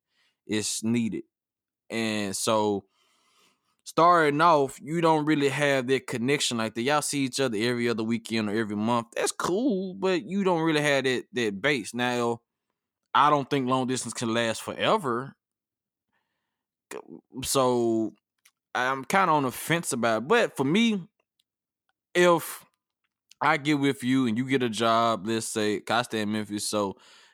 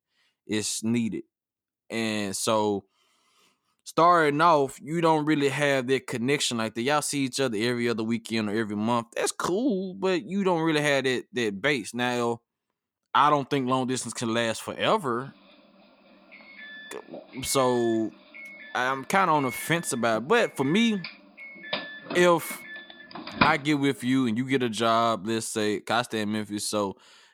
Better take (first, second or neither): first